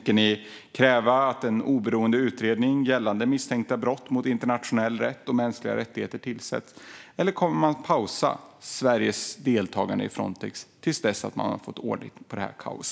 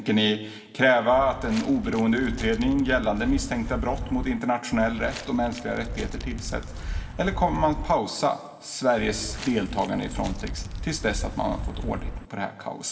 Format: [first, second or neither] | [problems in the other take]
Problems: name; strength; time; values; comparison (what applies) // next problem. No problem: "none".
first | background sound (Walk, footsteps); 7 dB below the speech // room echo; dies away in 1.5 s